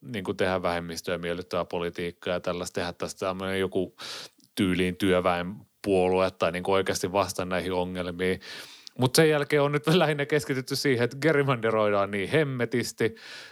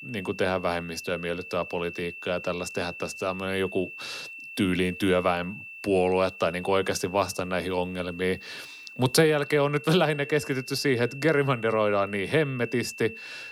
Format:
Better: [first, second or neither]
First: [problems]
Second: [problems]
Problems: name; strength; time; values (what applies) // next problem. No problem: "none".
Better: first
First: none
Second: high-pitched whine; noticeable; throughout; 2.5 kHz, 15 dB below the speech